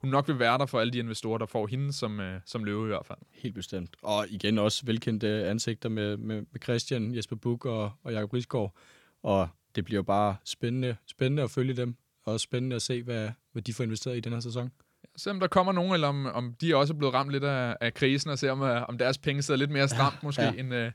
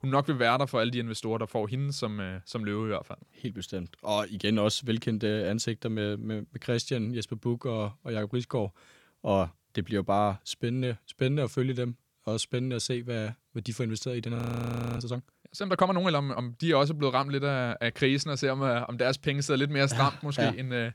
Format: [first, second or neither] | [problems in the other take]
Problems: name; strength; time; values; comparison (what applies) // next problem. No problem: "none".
first | audio freezing; at 14 s for 0.5 s